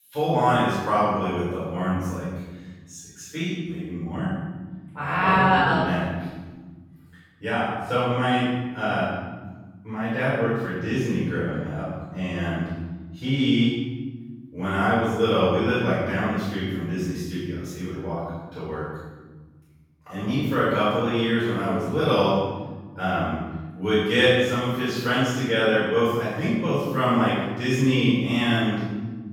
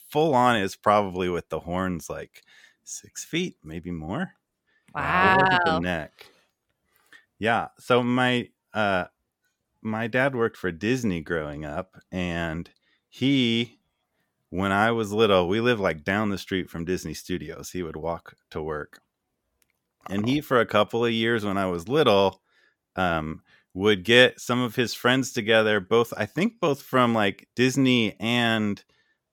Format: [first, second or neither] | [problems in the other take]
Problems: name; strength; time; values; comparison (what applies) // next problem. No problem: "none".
second | off-mic speech; far // room echo; strong; dies away in 1.7 s